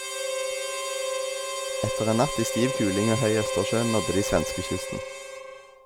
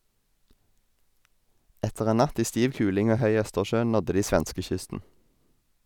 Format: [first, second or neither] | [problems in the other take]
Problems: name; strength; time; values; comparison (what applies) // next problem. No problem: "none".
second | background sound (Harmonica); 3 dB below the speech